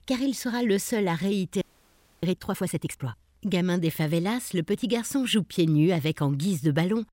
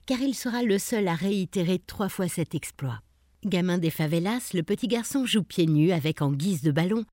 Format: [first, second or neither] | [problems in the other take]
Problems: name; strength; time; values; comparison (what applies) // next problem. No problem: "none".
second | audio freezing; at 1.5 s for 0.5 s